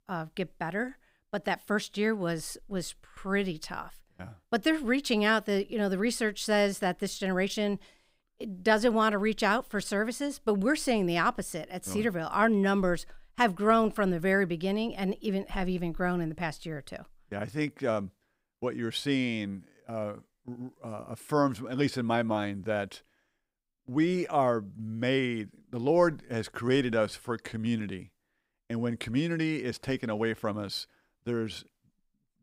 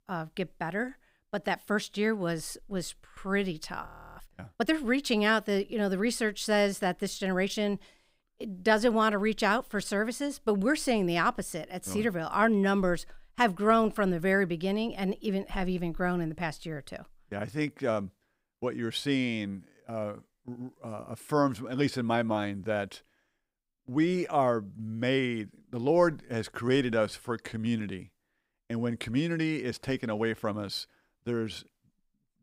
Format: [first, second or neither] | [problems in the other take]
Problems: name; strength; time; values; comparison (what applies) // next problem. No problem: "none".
first | audio freezing; at 4 s